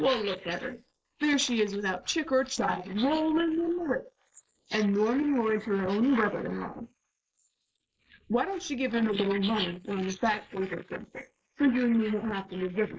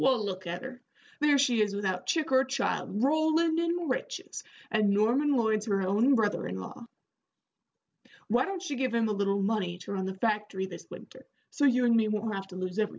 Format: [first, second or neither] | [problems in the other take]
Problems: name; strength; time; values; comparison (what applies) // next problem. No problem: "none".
second | noise reduction (neural mask model Resemble Enhance denoiser)